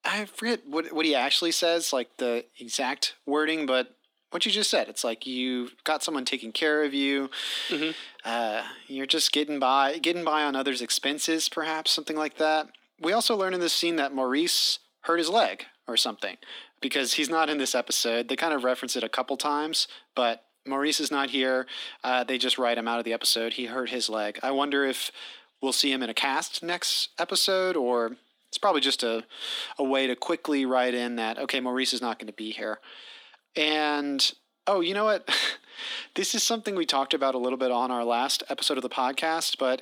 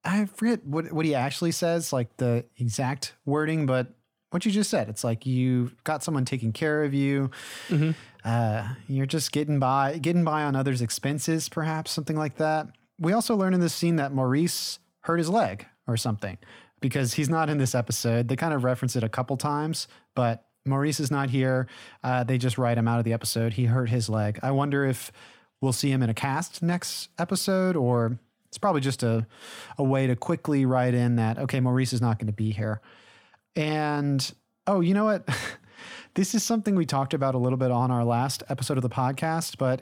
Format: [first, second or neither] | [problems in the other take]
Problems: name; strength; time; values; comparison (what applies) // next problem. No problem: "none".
second | thin; somewhat; fading below 250 Hz